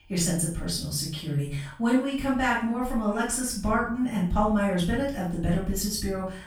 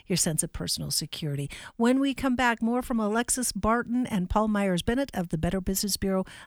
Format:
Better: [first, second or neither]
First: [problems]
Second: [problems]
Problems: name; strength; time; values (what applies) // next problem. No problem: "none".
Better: second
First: off-mic speech; far // room echo; noticeable; dies away in 0.4 s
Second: none